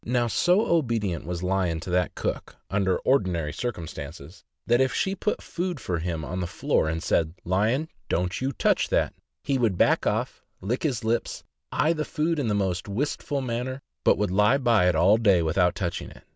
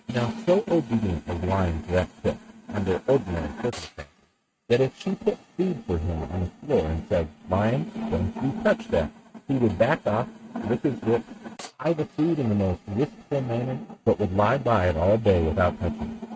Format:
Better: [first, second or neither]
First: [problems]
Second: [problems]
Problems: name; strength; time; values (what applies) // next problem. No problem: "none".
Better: first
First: none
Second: noise reduction (neural mask model RNNoise)